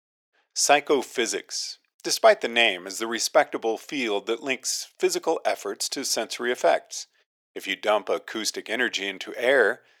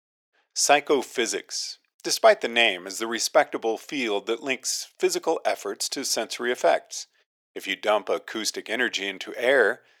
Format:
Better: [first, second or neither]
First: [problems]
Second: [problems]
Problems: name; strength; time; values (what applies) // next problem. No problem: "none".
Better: neither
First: thin; very; fading below 400 Hz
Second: thin; very; fading below 400 Hz